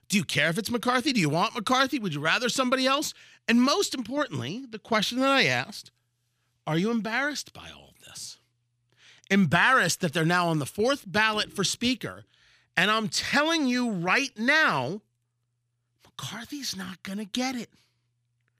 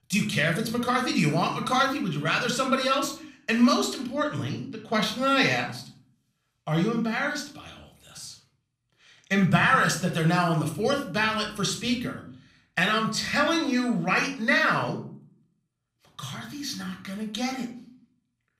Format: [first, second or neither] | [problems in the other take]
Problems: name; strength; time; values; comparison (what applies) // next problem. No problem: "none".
first | off-mic speech; somewhat distant // room echo; slight; dies away in 0.5 s